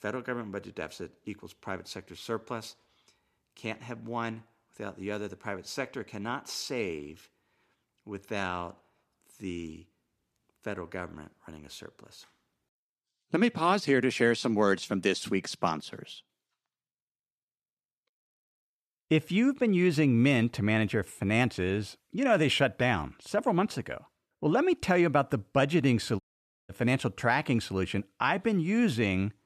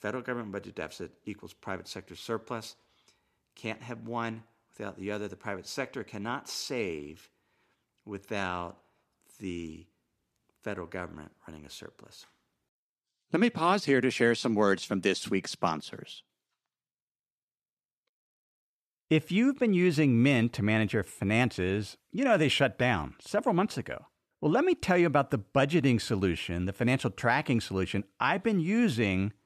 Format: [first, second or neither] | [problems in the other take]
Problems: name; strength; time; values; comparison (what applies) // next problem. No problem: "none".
second | audio cutting out; at 26 s